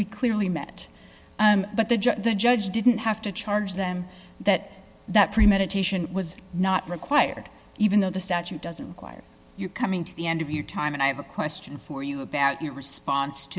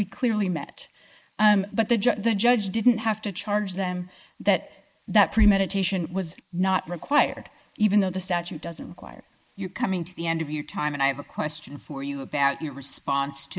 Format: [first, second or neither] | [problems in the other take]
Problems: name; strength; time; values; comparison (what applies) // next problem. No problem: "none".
first | noise reduction (neural mask model Resemble Enhance denoiser)